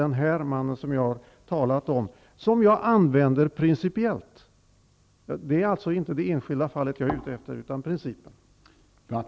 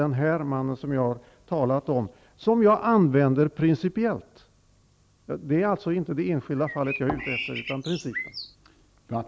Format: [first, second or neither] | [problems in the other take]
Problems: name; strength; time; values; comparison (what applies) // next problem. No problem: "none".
first | background sound (Bird); 10 dB below the speech